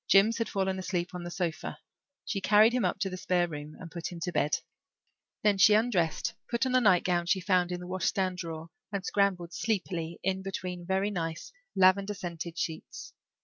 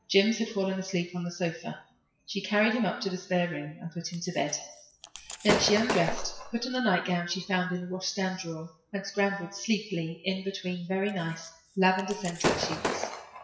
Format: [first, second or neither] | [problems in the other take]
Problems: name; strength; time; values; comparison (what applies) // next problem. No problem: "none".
first | noise reduction (classical method WPE with log-MMSE)